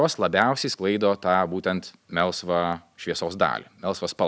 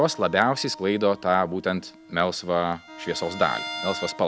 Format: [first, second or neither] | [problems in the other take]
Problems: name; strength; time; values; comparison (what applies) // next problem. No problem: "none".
first | background sound (Bowed string instrument + Wind instrument, woodwind instrument); 14 dB below the speech